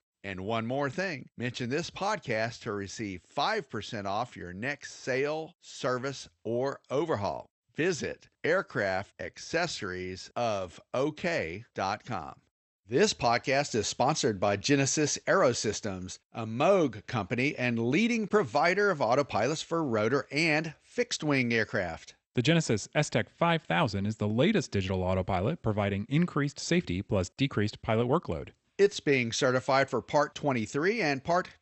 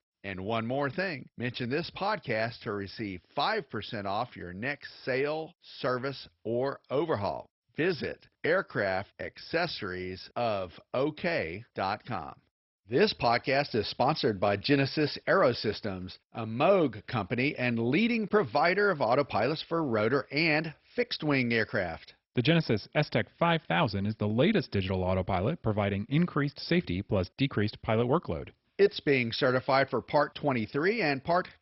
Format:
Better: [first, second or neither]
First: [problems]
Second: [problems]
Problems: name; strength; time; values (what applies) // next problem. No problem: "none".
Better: first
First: garbled, watery; slightly; nothing above 8 kHz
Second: garbled, watery; badly; nothing above 5.5 kHz